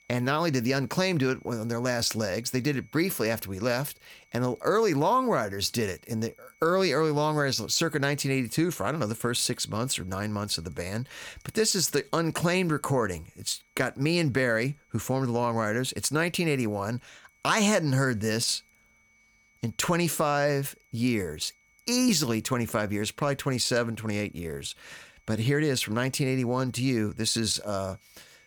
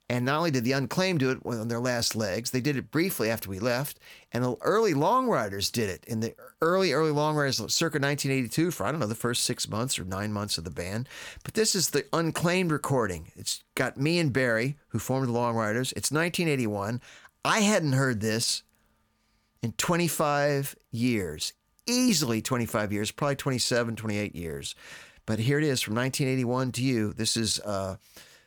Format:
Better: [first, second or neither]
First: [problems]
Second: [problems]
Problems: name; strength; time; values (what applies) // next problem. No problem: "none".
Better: second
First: high-pitched whine; faint; throughout; 2 kHz, 35 dB below the speech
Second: none